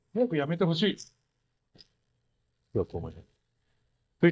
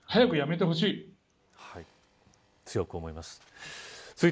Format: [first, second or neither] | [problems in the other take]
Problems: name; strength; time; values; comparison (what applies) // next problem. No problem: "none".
second | noise reduction (neural mask model DeepFilterNet 3)